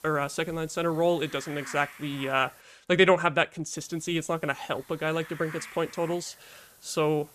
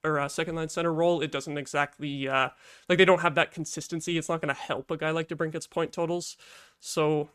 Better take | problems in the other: second | hiss; noticeable; until 2.5 s and from 4 s on; 20 dB below the speech

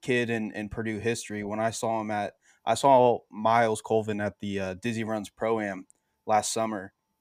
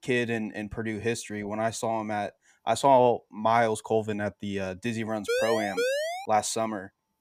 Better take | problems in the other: first | siren; loud; at 5.5 s; peak level with the speech

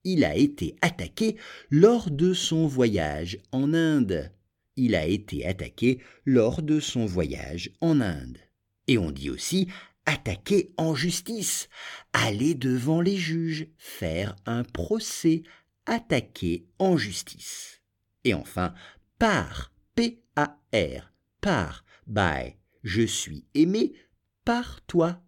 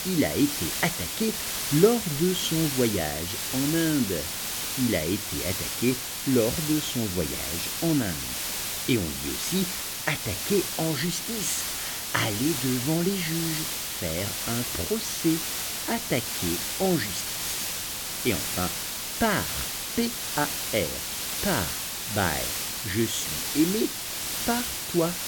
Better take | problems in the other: first | hiss; loud; throughout; 1 dB below the speech

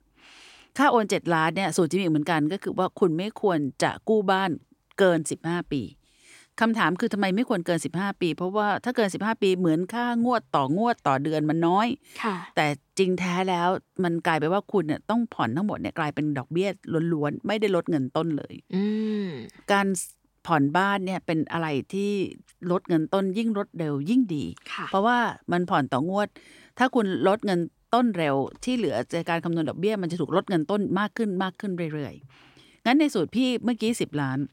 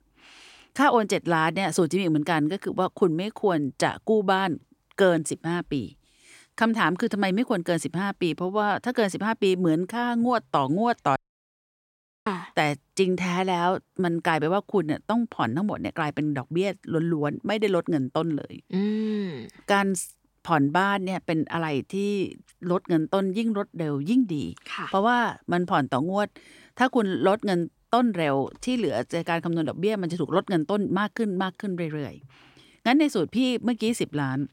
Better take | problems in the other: first | audio cutting out; at 11 s for 1 s

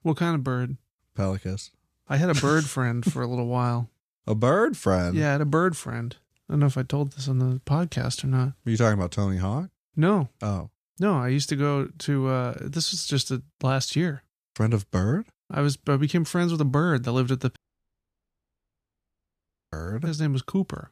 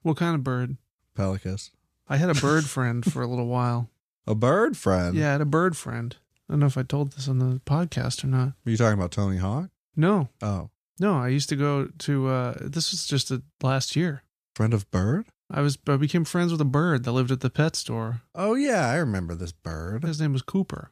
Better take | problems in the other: second | audio cutting out; at 18 s for 2 s

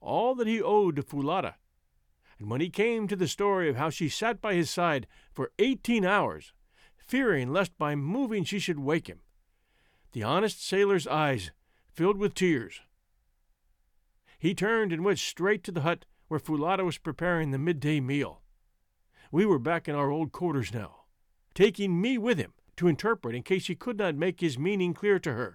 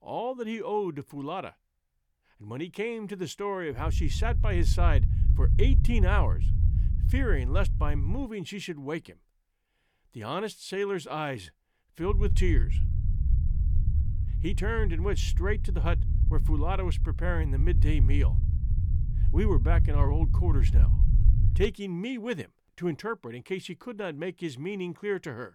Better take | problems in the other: first | low rumble; noticeable; from 4 to 8 s and from 12 to 22 s; 10 dB below the speech

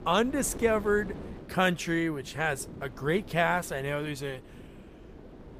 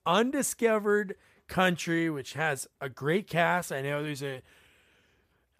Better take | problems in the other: second | wind noise on the microphone; occasional gusts; 20 dB below the speech

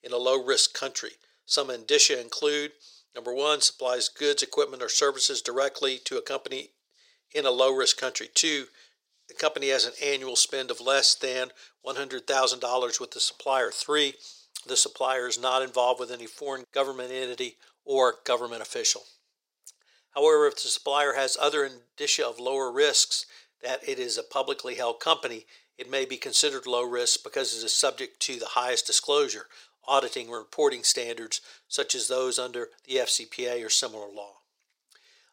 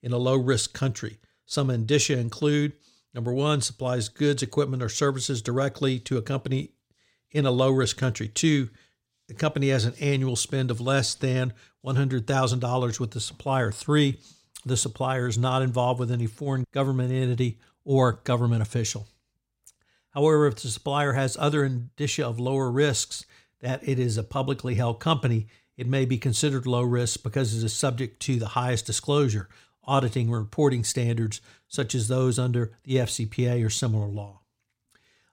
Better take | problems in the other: second | thin; very; fading below 450 Hz

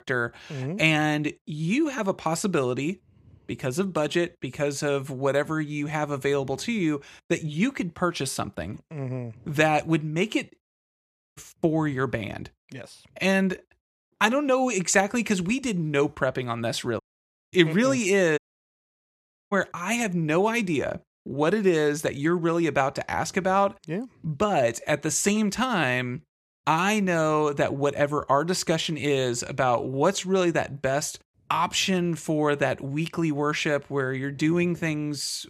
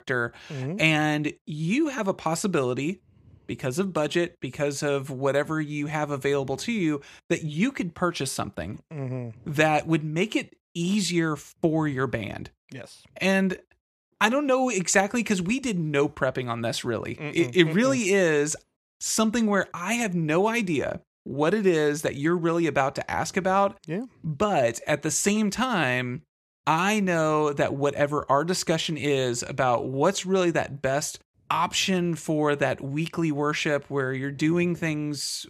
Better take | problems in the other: second | audio cutting out; at 11 s for 0.5 s, at 17 s for 0.5 s and at 18 s for 1 s

